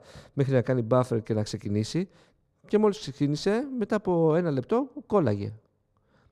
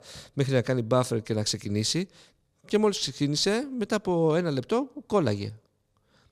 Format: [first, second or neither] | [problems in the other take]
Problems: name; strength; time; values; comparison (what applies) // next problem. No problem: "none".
second | muffled; slightly; fading above 2 kHz